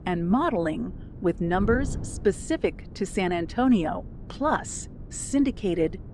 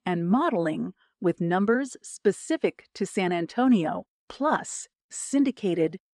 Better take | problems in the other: second | wind noise on the microphone; occasional gusts; 20 dB below the speech

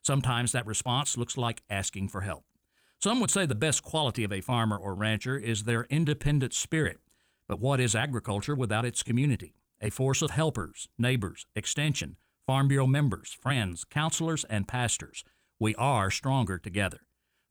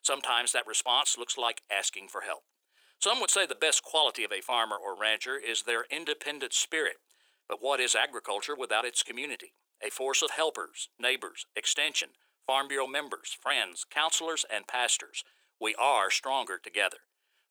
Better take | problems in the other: first | thin; very; fading below 400 Hz

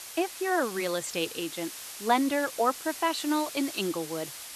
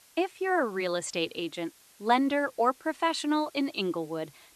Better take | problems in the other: second | hiss; loud; throughout; 9 dB below the speech; faint in the second

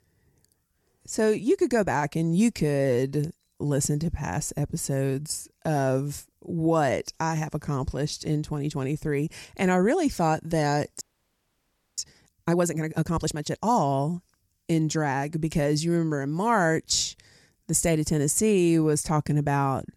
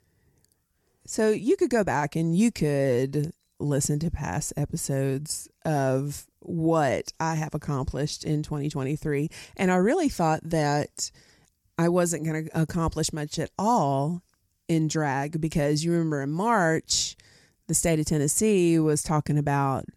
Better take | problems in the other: second | audio freezing; at 11 s for 1 s

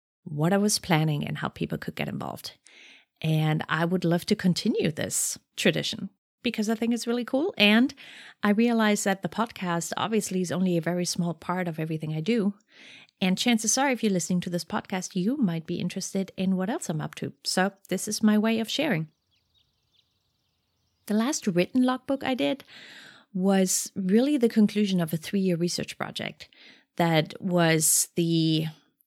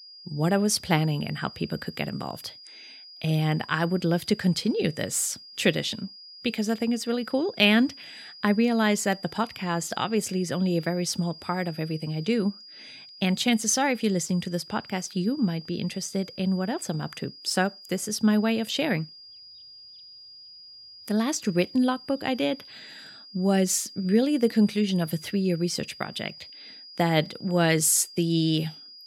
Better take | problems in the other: first | high-pitched whine; noticeable; throughout; 5 kHz, 20 dB below the speech

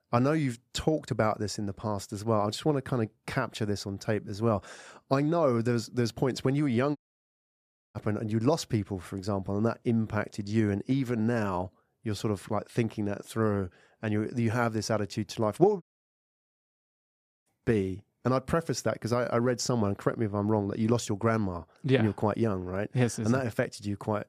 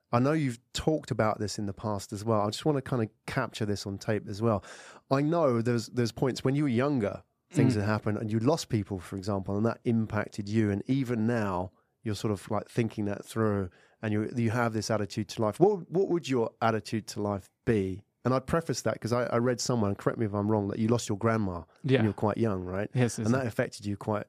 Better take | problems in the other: second | audio cutting out; at 7 s for 1 s and at 16 s for 1.5 s

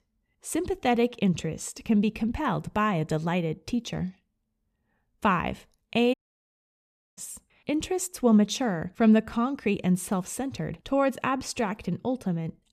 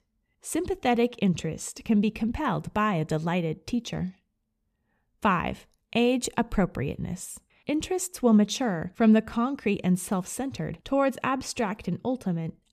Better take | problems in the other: second | audio cutting out; at 6 s for 1 s

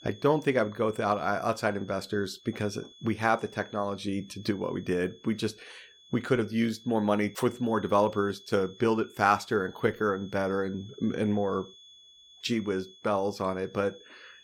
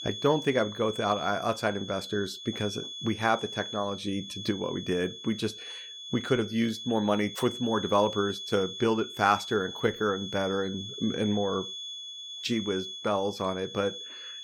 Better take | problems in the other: first | high-pitched whine; loud; throughout; 3.5 kHz, 9 dB below the speech; faint in the first

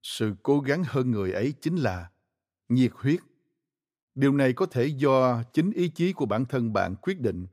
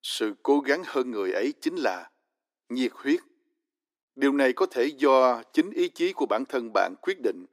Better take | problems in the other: first | thin; very slightly; fading below 300 Hz

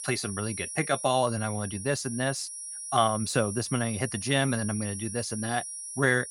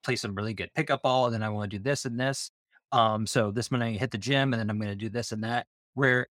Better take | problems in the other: second | high-pitched whine; loud; throughout; 10.5 kHz, 7 dB below the speech

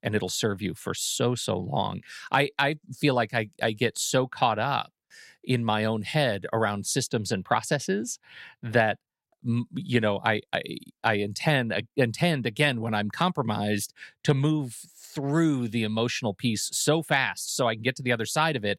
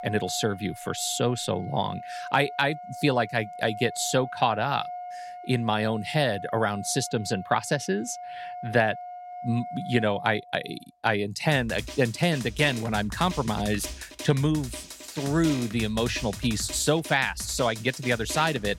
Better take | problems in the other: first | background music; noticeable; throughout; 10 dB below the speech

